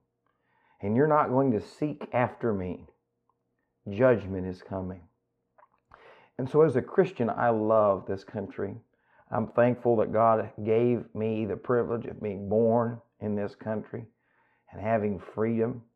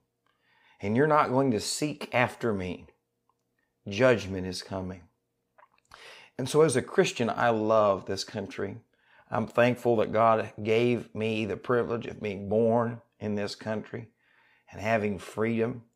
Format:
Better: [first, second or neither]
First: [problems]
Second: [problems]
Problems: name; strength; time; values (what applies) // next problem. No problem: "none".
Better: second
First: muffled; very; fading above 3 kHz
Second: none